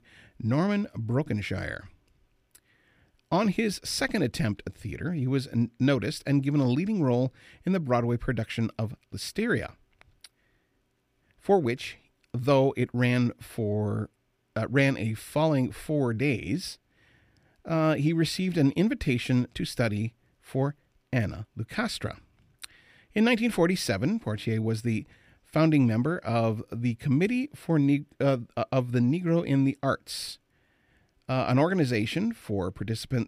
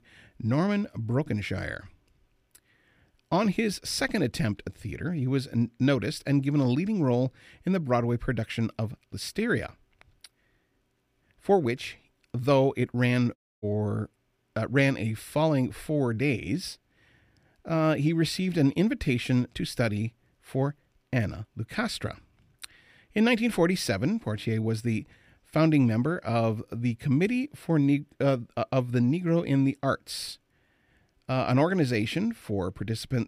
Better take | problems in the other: first | audio cutting out; at 13 s

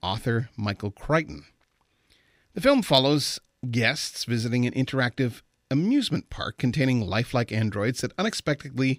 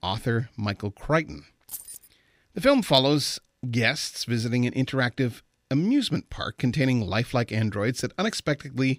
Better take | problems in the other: first | jangling keys; faint; at 1.5 s; peak 10 dB below the speech

